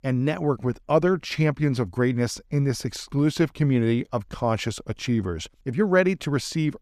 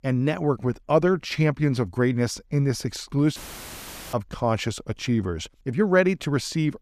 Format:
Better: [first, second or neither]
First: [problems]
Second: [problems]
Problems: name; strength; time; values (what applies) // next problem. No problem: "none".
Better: first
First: none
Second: audio cutting out; filled with static; at 3.5 s for 1 s